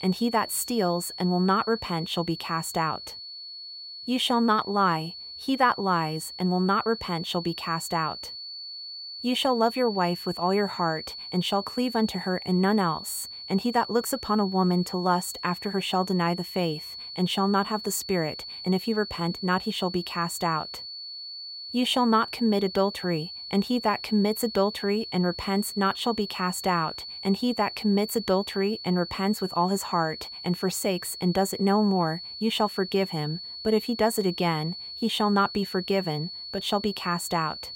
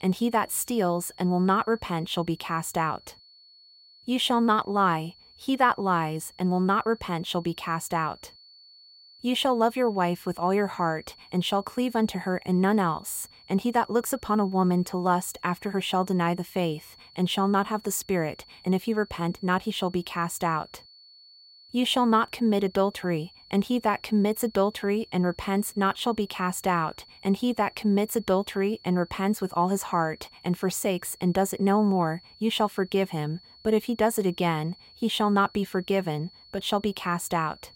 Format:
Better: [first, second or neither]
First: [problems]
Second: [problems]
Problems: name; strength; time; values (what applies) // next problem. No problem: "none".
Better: second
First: high-pitched whine; loud; throughout; 4.5 kHz, 10 dB below the speech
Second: high-pitched whine; faint; throughout; 4.5 kHz, 25 dB below the speech